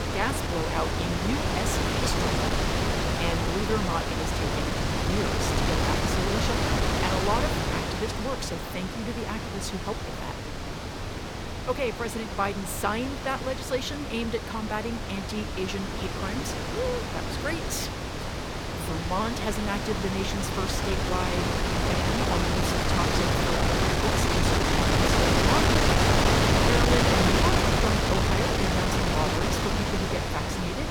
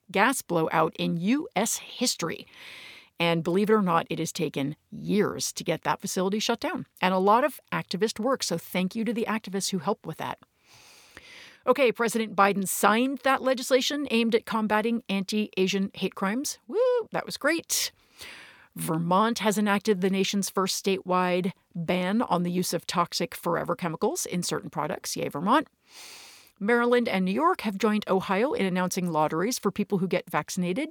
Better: second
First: wind noise on the microphone; heavy; 5 dB above the speech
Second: none

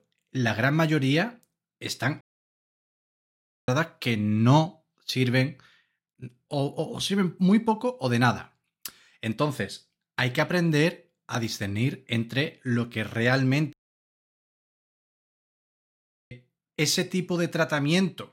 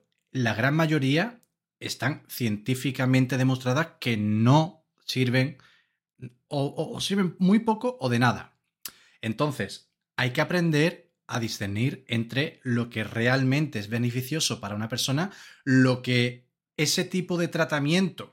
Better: second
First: audio cutting out; at 2 s for 1.5 s and at 14 s for 2.5 s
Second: none

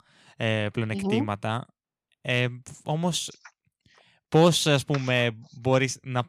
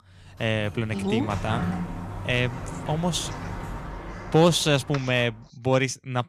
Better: first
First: none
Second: door banging; noticeable; until 5 s; peak 4 dB below the speech

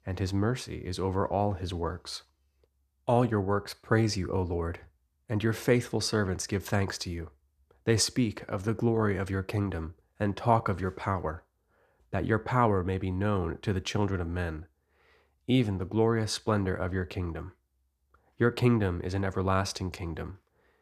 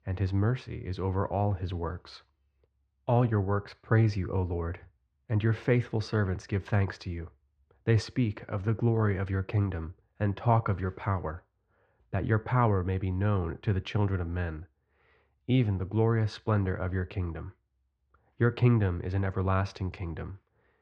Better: first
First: none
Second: muffled; slightly; fading above 2.5 kHz

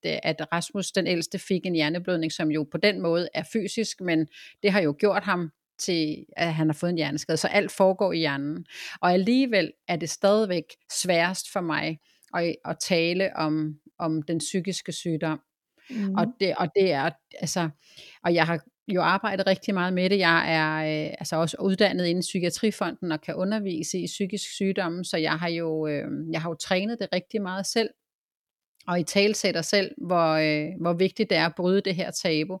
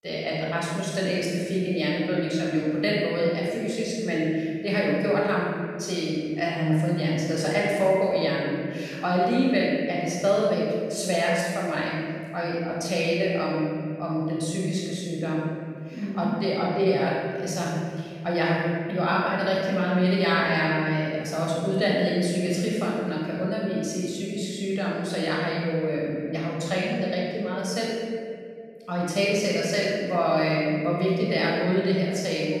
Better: first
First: none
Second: room echo; strong; dies away in 1.9 s // off-mic speech; far

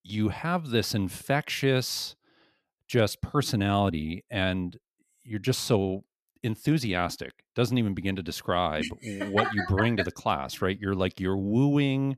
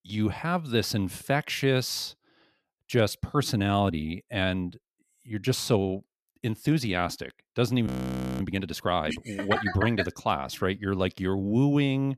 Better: first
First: none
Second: audio freezing; at 8 s for 0.5 s

